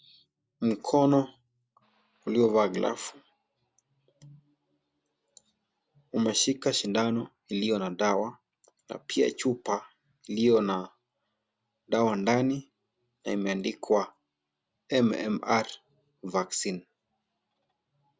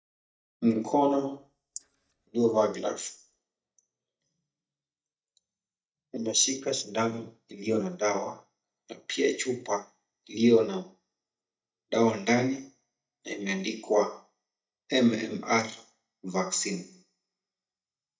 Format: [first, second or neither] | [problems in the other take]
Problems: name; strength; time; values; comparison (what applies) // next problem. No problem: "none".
first | noise reduction (neural mask model DeepFilterNet 3)